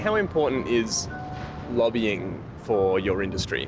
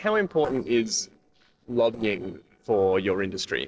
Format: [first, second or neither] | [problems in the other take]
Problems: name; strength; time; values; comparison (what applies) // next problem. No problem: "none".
first | noise reduction (neural separator model SepFormer DNS4)